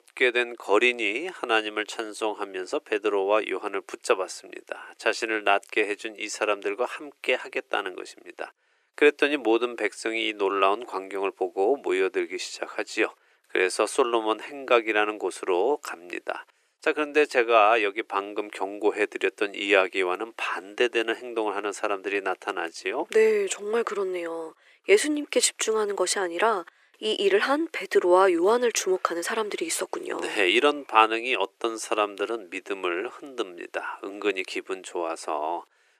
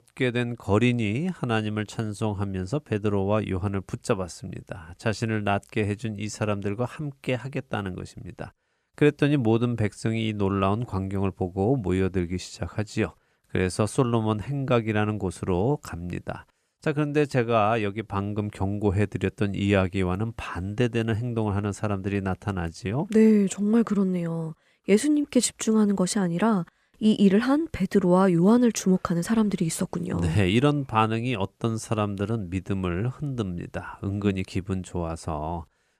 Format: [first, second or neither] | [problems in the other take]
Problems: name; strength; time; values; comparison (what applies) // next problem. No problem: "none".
second | thin; very; fading below 350 Hz